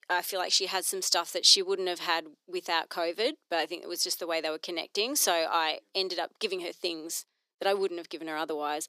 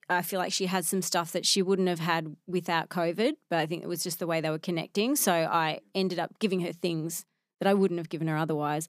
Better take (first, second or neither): second